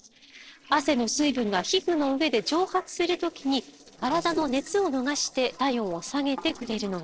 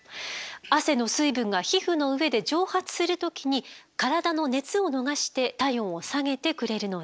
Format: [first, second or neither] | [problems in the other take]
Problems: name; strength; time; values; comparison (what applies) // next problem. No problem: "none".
second | noise reduction (neural separator model SepFormer DNS4)